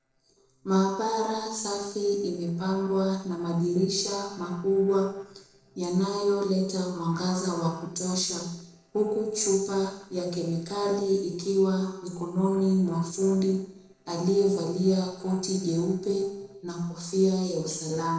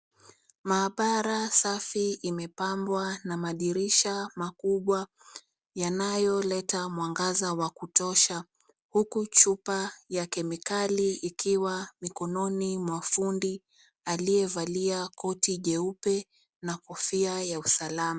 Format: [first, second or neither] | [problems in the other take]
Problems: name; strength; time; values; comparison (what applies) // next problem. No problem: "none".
second | noise reduction (neural separator model SepFormer DNS4)